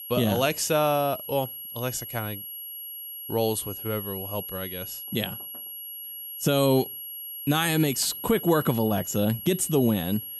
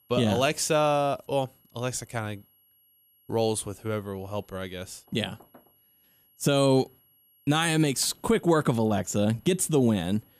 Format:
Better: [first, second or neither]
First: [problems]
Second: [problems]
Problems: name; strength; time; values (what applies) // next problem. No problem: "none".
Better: second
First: high-pitched whine; loud; throughout; 11.5 kHz, 9 dB below the speech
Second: high-pitched whine; faint; throughout; 11.5 kHz, 35 dB below the speech